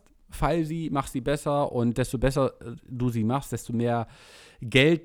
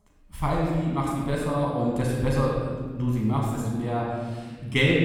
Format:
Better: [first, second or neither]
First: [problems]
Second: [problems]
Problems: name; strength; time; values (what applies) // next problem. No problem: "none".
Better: first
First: none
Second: off-mic speech; far // room echo; noticeable; dies away in 1.5 s